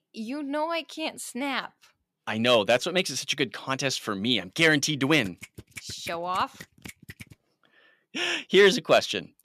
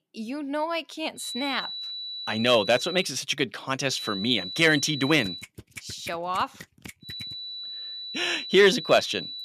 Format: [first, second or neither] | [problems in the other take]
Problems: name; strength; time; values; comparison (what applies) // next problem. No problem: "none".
first | high-pitched whine; loud; from 1 to 3 s, from 4 to 5.5 s and from 7 s on; 4 kHz, 9 dB below the speech